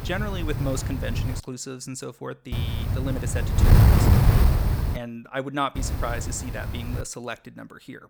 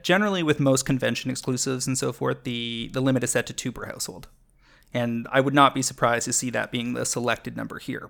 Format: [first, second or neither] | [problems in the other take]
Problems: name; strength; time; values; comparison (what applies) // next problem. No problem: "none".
second | wind noise on the microphone; heavy; until 1.5 s, from 2.5 to 5 s and from 6 to 7 s; as loud as the speech